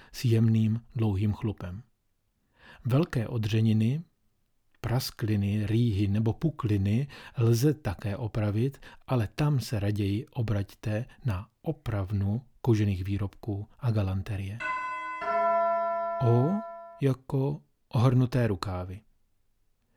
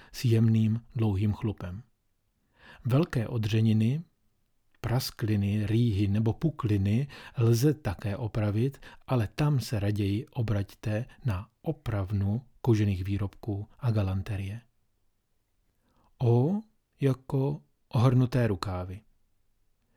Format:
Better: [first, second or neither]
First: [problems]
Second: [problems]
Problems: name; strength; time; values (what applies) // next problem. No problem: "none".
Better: second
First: doorbell; loud; from 15 to 17 s; peak 4 dB above the speech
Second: none